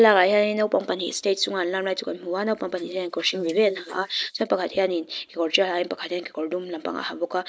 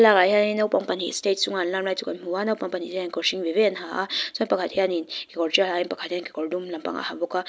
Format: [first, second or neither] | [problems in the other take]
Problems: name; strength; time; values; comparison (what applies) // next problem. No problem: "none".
second | noise reduction (neural mask model Resemble Enhance denoiser)